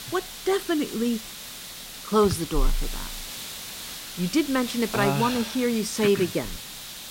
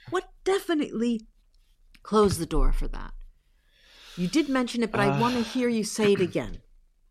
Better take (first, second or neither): second